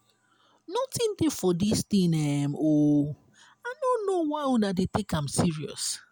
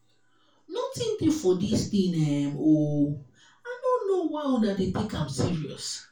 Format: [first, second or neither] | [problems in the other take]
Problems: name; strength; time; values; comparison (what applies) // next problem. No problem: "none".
first | room echo; dies away in 0.2 s